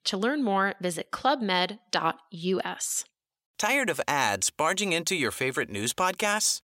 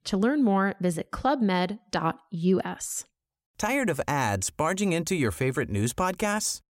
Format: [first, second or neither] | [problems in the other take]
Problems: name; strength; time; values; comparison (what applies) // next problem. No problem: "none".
second | thin; very slightly; fading below 550 Hz